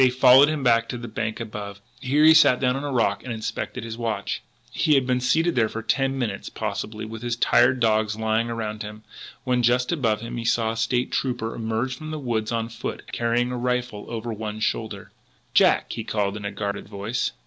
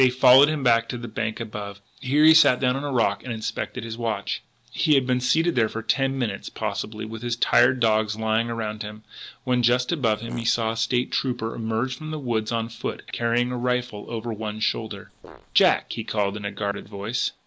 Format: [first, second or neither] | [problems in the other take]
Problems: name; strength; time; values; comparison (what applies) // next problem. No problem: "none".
first | noise reduction (neural mask model Resemble Enhance denoiser)